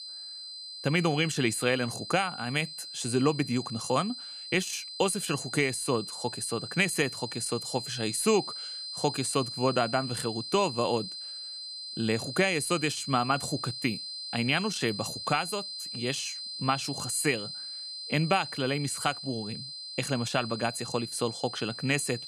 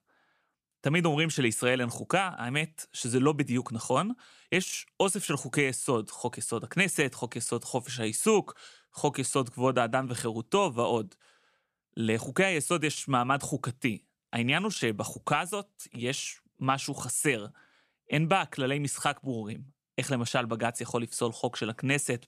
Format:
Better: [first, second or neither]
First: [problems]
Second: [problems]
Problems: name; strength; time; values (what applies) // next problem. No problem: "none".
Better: second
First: high-pitched whine; loud; throughout; 4 kHz, 7 dB below the speech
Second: none